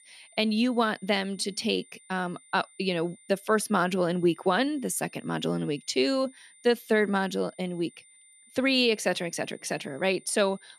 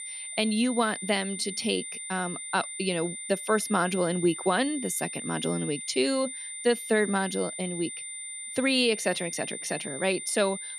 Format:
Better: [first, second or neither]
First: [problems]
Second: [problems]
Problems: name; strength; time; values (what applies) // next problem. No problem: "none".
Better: first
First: high-pitched whine; faint; throughout; 9 kHz, 25 dB below the speech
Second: high-pitched whine; loud; throughout; 9 kHz, 7 dB below the speech